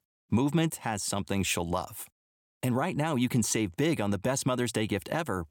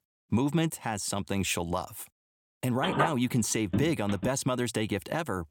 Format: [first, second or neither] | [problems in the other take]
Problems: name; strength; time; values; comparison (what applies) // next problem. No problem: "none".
first | phone ringing; loud; from 3 to 4.5 s; peak level with the speech